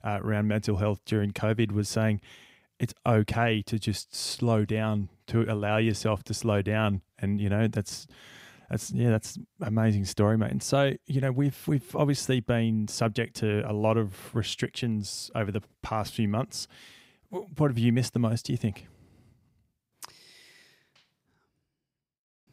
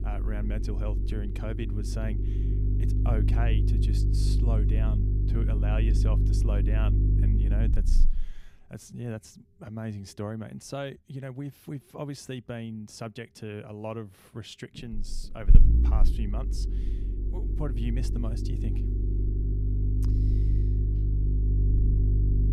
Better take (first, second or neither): first